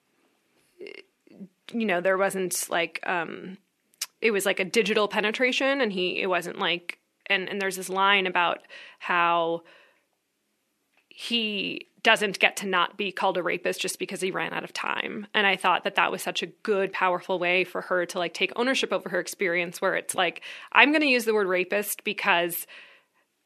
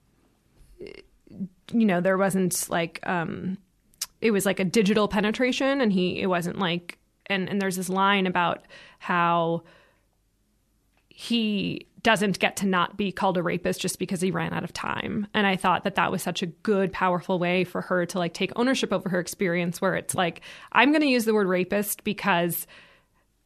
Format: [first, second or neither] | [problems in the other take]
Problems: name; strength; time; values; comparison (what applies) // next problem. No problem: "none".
second | thin; somewhat; fading below 350 Hz